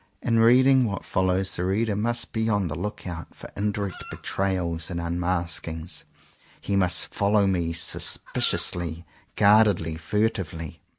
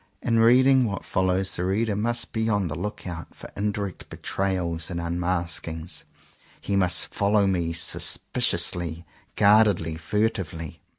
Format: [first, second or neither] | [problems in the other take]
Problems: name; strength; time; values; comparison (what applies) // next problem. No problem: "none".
second | background sound (Chicken, rooster); 20 dB below the speech